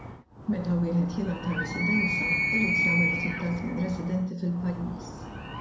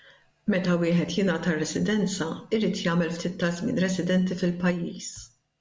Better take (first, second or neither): second